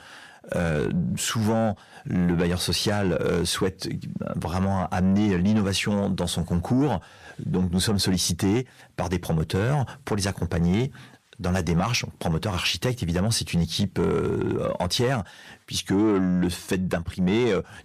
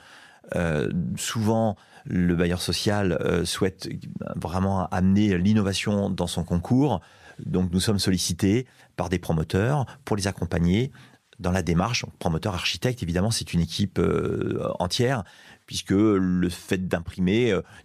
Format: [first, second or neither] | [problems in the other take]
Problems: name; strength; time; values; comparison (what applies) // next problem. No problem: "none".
second | distortion; slight; 10 dB below the speech